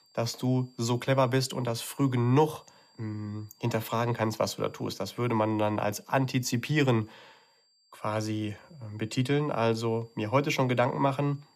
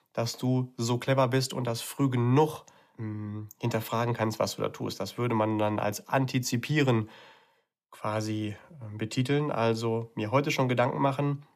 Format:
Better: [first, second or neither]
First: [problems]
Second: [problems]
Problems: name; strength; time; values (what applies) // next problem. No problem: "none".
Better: second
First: high-pitched whine; faint; throughout; 4.5 kHz, 35 dB below the speech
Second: none